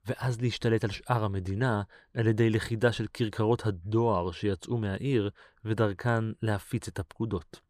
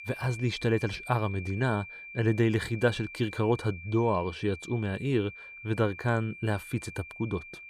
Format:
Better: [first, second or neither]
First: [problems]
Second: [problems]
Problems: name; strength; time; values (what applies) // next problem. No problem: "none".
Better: first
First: none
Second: high-pitched whine; noticeable; throughout; 2.5 kHz, 15 dB below the speech